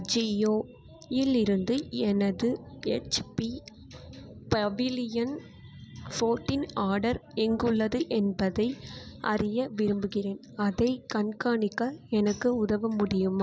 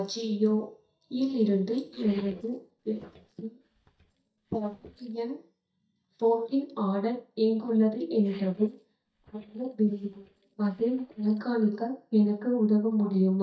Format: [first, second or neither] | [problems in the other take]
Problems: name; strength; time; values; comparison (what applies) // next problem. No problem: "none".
first | noise reduction (neural mask model DeepFilterNet 3)